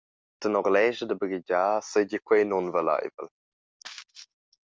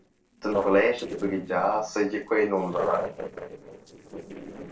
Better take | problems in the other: first | noise reduction (neural separator model SepFormer DNS4)

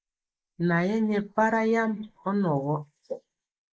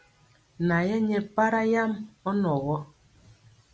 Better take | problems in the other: second | noise reduction (neural mask model Resemble Enhance denoiser)

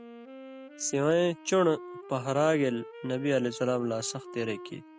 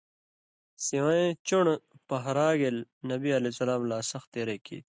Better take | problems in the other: second | background sound (Wind instrument, woodwind instrument); 16 dB below the speech

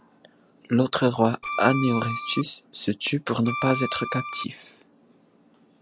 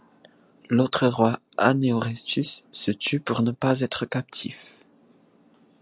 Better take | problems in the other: second | background sound (Bowed string instrument); 5 dB below the speech

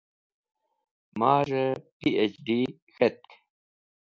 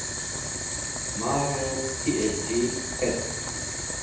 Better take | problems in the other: first | background sound (Boiling); as loud as the speech // room echo; dies away in 0.8 s

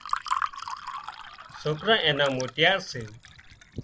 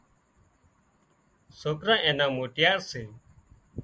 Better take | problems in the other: second | background sound (Fill (with liquid) / Water); 8 dB below the speech

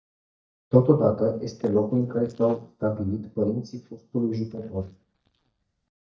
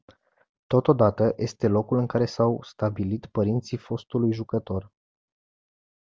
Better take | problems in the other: second | noise reduction (neural mask model DeepFilterNet 3)

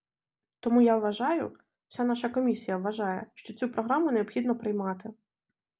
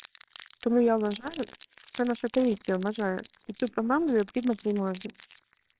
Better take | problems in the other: first | noise reduction (neural separator model SepFormer WHAMR!)

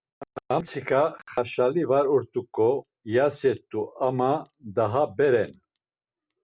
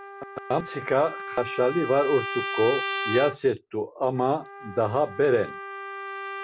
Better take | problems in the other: first | background sound (Trumpet); 8 dB below the speech

